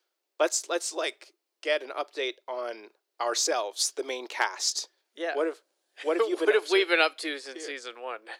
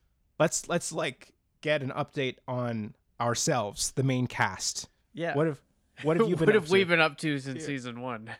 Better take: second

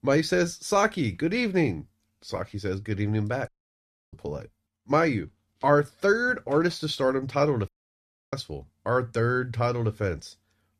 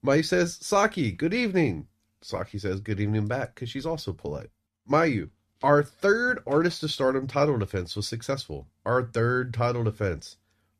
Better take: second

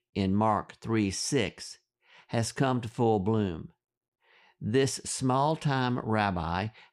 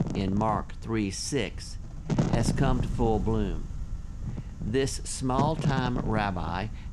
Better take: first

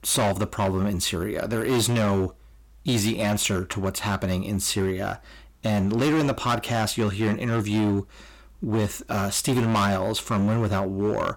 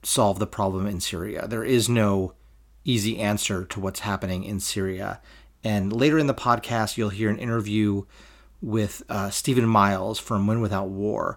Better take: second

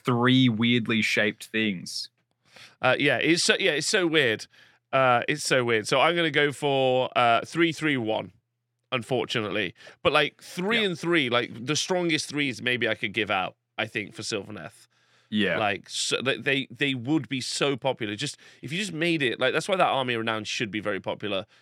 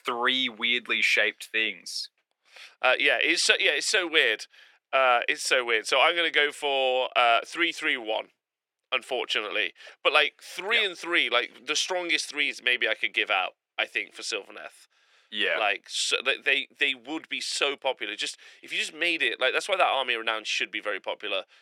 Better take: first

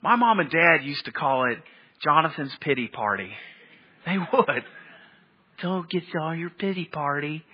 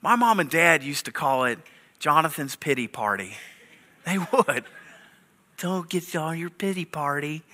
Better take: second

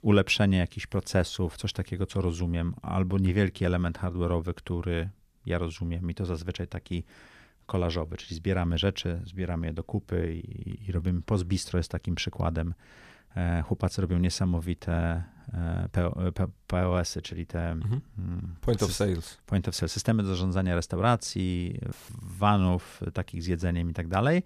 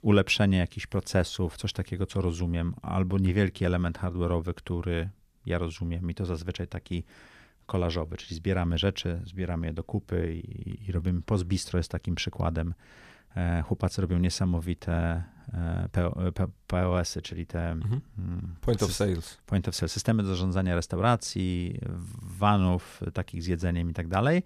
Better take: second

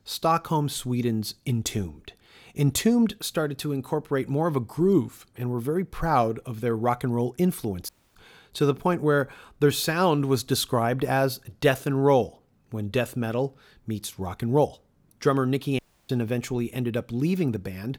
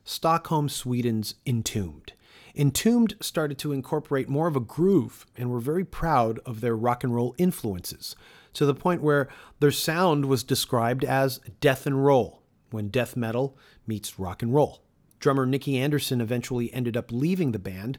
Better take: second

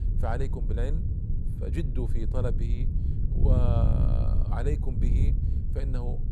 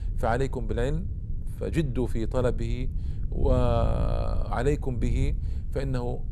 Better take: second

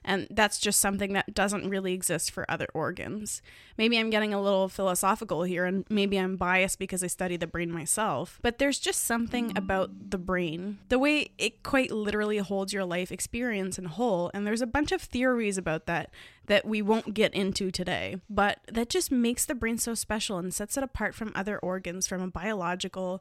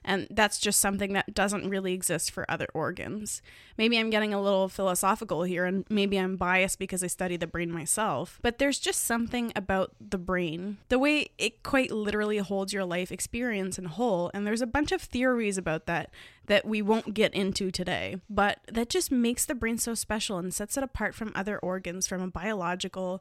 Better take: second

